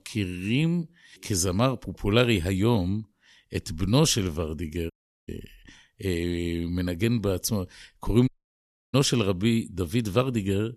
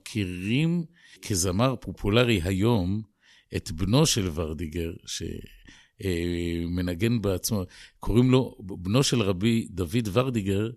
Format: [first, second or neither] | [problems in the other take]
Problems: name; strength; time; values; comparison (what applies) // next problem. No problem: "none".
second | audio cutting out; at 5 s and at 8.5 s for 0.5 s